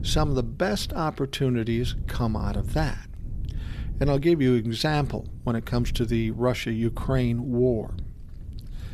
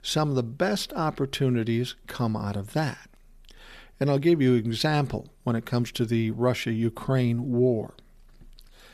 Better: second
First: wind noise on the microphone; occasional gusts; 20 dB below the speech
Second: none

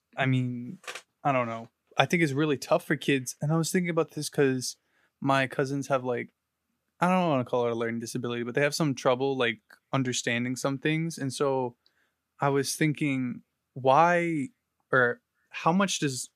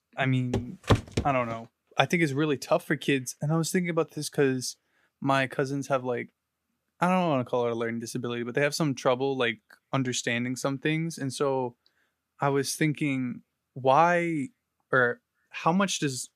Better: first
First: none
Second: footsteps; loud; at 0.5 s; peak 1 dB above the speech

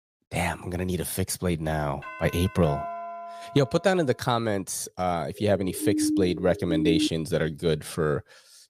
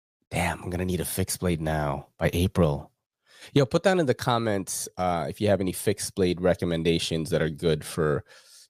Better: second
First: doorbell; noticeable; from 2 to 4 s; peak 7 dB below the speech // siren; loud; from 5.5 to 7 s; peak 1 dB above the speech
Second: none

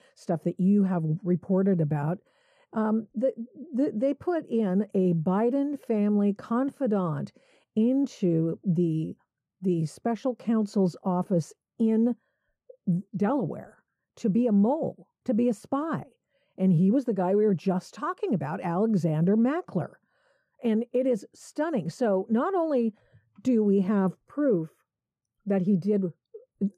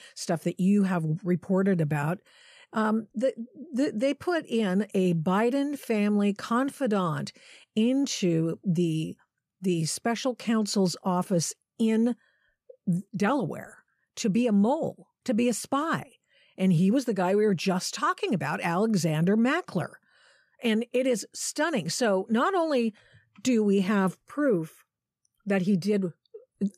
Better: second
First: muffled; slightly; fading above 1.5 kHz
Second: none

